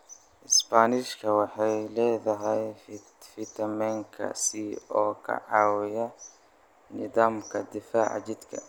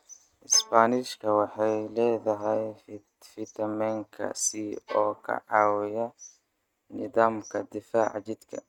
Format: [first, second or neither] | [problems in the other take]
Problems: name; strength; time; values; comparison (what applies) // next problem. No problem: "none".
first | noise reduction (neural mask model RNNoise)